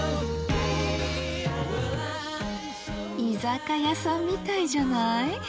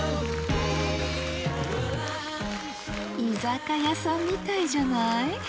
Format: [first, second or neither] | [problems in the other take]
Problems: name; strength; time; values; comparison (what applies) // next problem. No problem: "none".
first | background sound (Applause); 14 dB below the speech